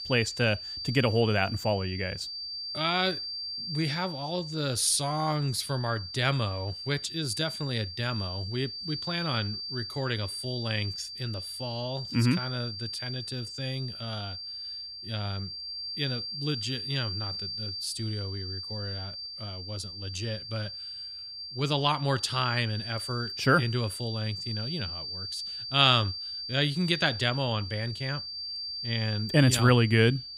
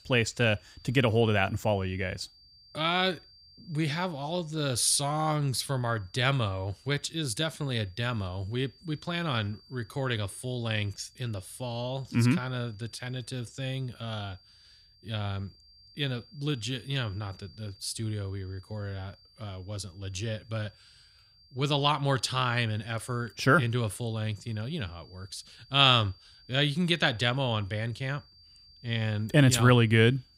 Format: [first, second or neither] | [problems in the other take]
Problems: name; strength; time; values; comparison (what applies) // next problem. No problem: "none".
second | high-pitched whine; loud; throughout; 4.5 kHz, 6 dB below the speech; faint in the second